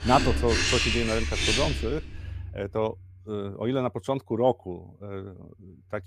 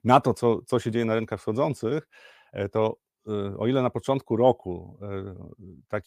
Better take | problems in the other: second | household noises; very loud; throughout; 2 dB above the speech

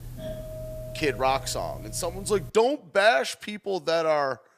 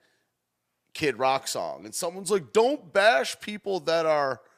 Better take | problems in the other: second | doorbell; faint; until 2.5 s; peak 10 dB below the speech

